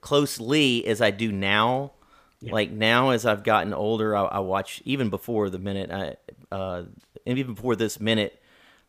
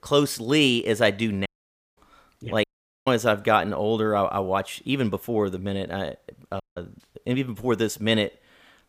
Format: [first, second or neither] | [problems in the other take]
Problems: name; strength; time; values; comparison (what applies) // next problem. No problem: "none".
first | audio cutting out; at 1.5 s for 0.5 s, at 2.5 s and at 6.5 s